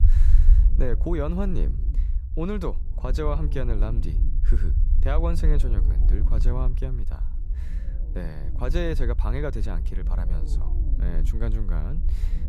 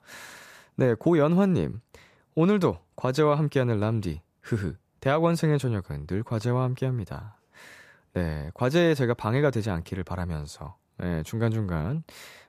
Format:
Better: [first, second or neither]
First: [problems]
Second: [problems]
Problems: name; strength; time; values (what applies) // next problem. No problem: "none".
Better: second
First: low rumble; noticeable; throughout; 10 dB below the speech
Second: none